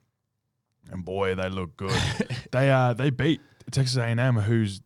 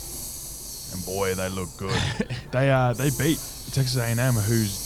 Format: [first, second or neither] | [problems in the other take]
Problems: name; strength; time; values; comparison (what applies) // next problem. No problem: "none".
first | hiss; loud; throughout; 8 dB below the speech